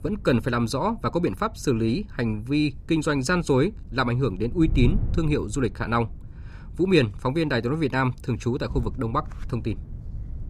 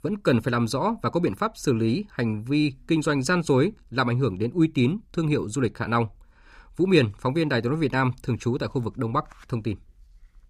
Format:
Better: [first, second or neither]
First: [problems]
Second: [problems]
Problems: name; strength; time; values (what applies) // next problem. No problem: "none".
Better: second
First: wind noise on the microphone; occasional gusts; 25 dB below the speech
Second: none